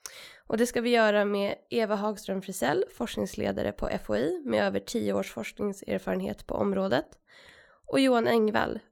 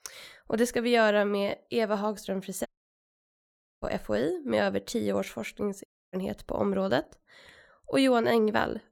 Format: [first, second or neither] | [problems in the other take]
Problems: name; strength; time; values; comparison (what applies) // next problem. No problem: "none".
first | audio cutting out; at 2.5 s for 1 s and at 6 s